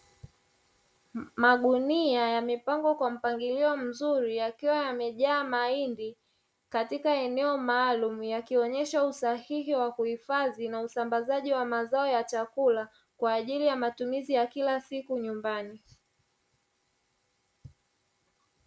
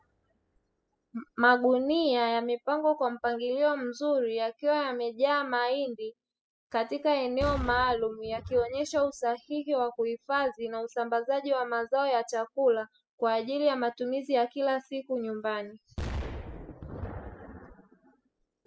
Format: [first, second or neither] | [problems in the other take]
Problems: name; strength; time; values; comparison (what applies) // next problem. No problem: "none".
first | noise reduction (classical method spectral subtraction)